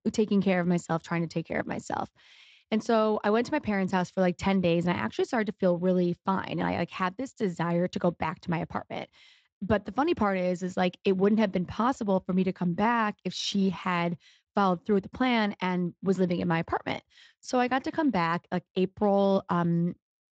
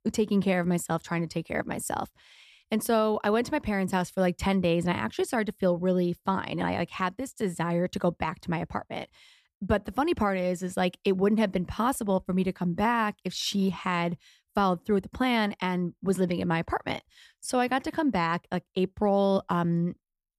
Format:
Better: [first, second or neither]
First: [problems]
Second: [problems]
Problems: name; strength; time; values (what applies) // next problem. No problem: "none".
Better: second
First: garbled, watery; slightly; nothing above 7.5 kHz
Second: none